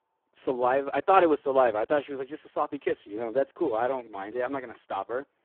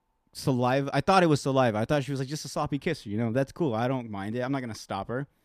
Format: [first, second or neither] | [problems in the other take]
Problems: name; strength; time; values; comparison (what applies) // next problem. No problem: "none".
second | phone-call audio; poor line